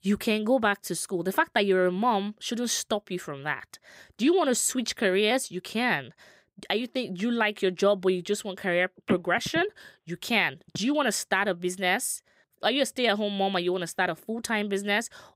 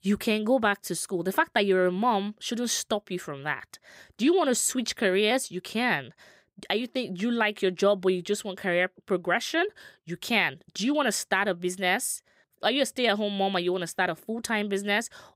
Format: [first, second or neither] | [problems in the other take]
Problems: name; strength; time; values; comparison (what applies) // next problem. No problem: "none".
second | phone ringing; noticeable; from 9 to 11 s; peak 7 dB below the speech